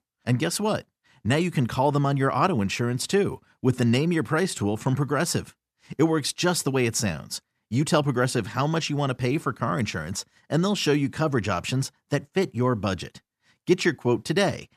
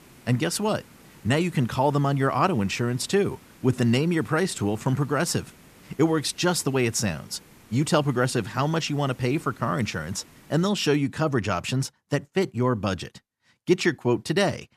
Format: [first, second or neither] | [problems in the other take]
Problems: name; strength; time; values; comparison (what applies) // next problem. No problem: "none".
first | hiss; faint; until 11 s; 25 dB below the speech